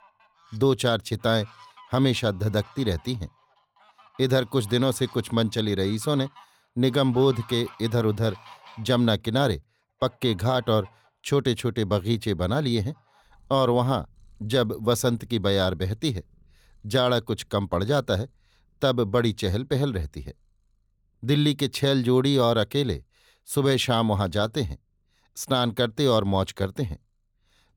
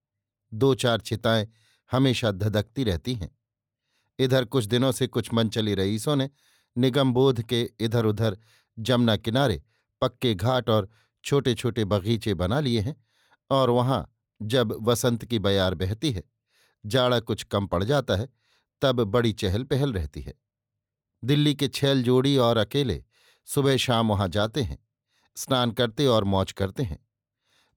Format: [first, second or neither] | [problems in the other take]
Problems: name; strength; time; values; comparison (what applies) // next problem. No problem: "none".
second | animal sounds; faint; throughout; 25 dB below the speech